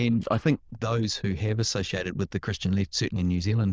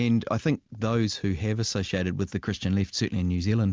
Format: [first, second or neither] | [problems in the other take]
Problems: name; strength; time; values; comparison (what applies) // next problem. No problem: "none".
second | noise reduction (neural diffusion model UNIVERSE++)